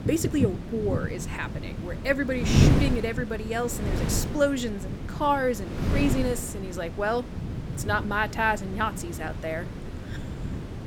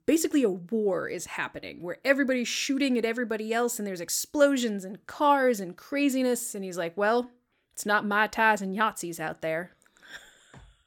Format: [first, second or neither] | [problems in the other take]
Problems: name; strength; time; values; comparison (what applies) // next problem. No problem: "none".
second | wind noise on the microphone; heavy; 9 dB below the speech